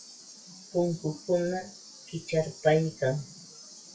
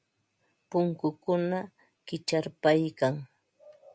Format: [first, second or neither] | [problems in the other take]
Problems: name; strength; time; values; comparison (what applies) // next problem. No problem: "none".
second | noise reduction (classical method WPE with log-MMSE)